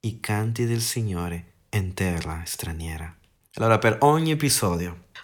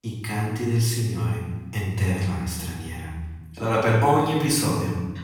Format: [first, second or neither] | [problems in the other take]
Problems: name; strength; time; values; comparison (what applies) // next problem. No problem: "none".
first | room echo; noticeable; dies away in 1.2 s // off-mic speech; far